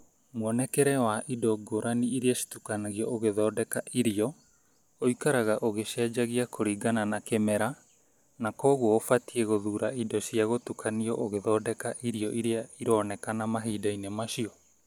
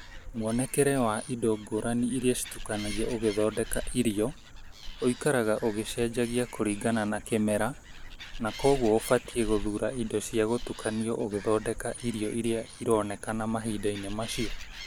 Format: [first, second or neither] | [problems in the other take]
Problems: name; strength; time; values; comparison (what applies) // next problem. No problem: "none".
first | background sound (Animal); 11 dB below the speech